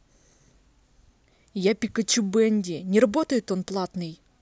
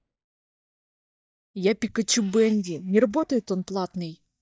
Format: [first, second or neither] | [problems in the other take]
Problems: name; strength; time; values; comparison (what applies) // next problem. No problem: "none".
first | noise reduction (neural mask model DeepFilterNet 3)